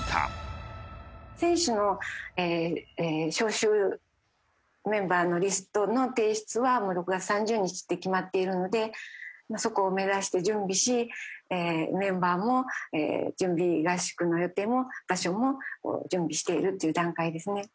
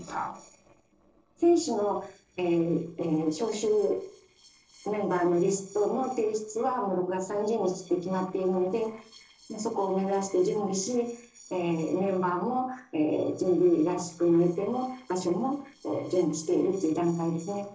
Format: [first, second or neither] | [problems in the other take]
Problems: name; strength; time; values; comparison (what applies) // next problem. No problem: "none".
first | noise reduction (neural separator model SepFormer DNS4)